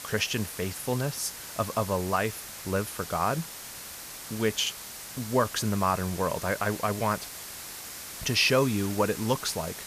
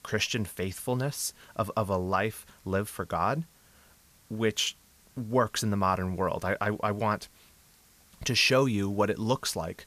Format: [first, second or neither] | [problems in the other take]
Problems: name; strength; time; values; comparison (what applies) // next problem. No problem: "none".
second | hiss; loud; throughout; 10 dB below the speech; faint in the second